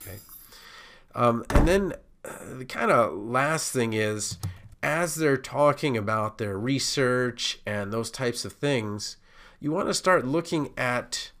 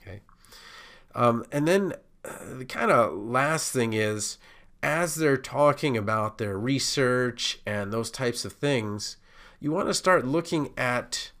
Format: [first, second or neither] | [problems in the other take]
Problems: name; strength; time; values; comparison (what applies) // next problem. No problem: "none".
second | jangling keys; faint; at the start; peak 15 dB below the speech // door banging; noticeable; at 1.5 s; peak level with the speech // keyboard typing; faint; at 4.5 s; peak 10 dB below the speech